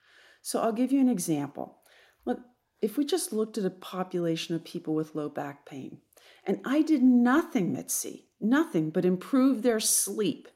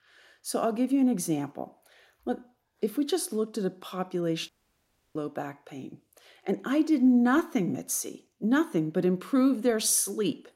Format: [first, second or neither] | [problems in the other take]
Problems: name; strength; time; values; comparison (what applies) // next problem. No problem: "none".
first | audio cutting out; at 4.5 s for 0.5 s